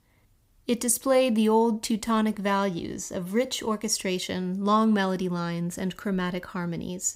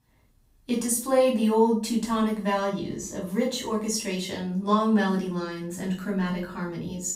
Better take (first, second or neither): first